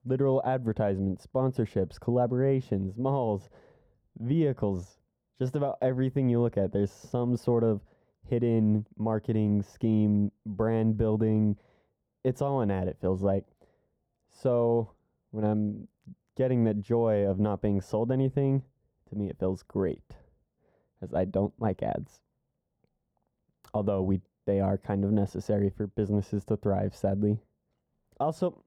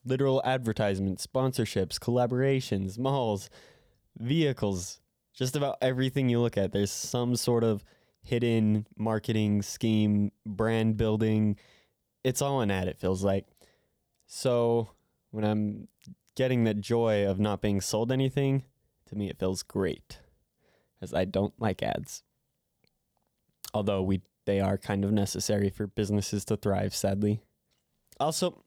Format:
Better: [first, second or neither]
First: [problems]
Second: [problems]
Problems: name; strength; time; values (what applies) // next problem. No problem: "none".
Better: second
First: muffled; very; fading above 2 kHz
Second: none